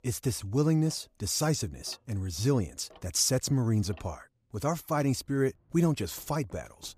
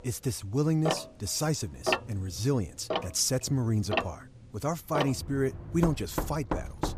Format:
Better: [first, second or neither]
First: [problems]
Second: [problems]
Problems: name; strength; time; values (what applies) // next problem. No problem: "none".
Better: first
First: household noises; faint; throughout; 30 dB below the speech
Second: household noises; loud; throughout; 3 dB below the speech